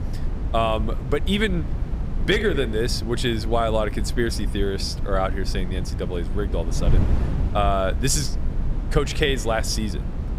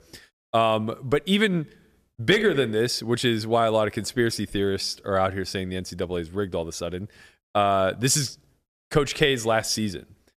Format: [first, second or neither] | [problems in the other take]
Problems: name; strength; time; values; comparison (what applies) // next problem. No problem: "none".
second | wind noise on the microphone; occasional gusts; 15 dB below the speech